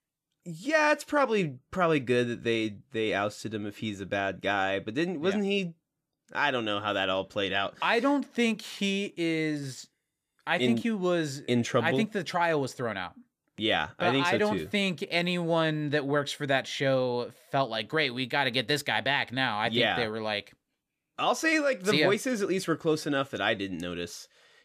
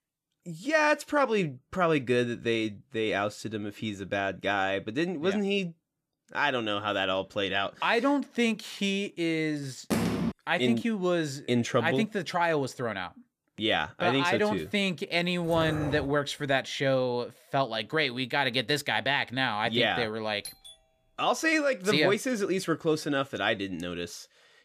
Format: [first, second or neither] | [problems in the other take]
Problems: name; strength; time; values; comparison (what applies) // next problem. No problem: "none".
first | phone ringing; noticeable; at 10 s; peak 1 dB below the speech // dog barking; noticeable; at 15 s; peak 7 dB below the speech // doorbell; faint; at 20 s; peak 15 dB below the speech